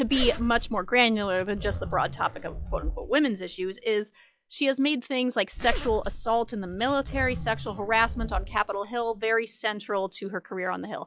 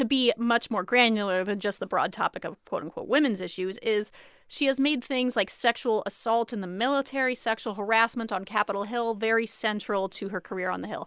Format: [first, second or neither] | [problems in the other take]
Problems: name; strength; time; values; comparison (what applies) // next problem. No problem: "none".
second | noise reduction (classical method log-MMSE)